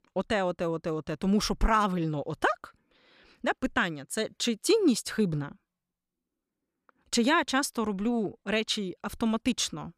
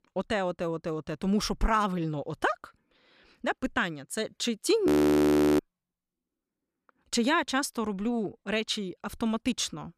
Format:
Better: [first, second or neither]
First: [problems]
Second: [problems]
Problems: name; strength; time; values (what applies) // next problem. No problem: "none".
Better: first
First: none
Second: audio freezing; at 5 s for 0.5 s